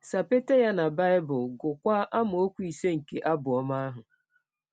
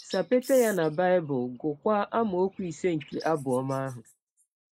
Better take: first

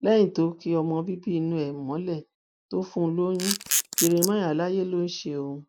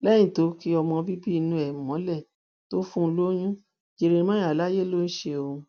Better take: second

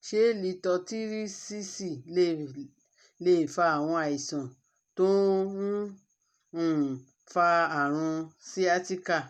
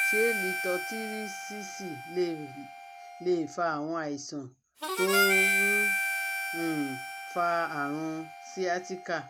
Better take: first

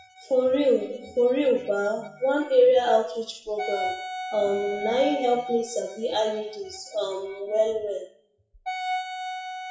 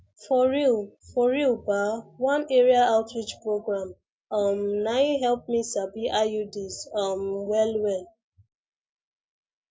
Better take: second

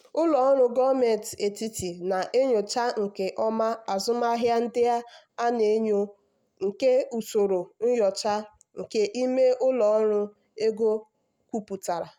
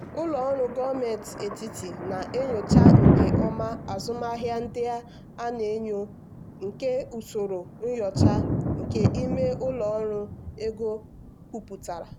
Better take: first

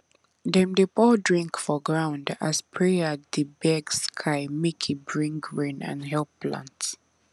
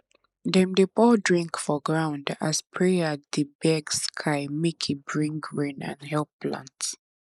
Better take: first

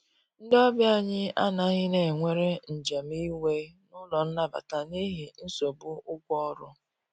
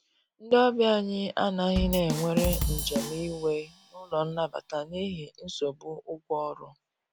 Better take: first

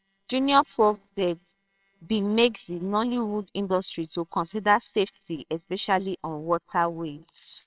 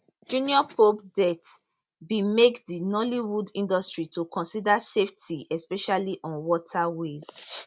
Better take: second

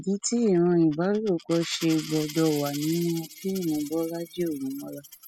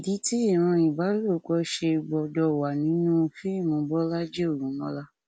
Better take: second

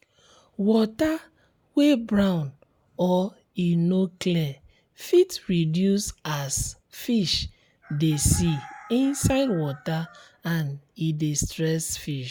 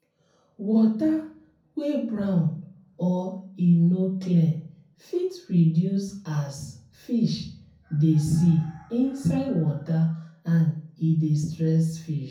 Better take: first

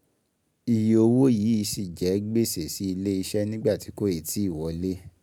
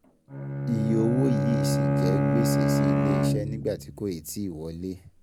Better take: first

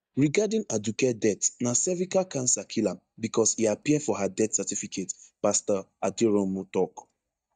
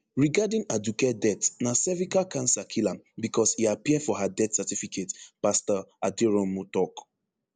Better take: second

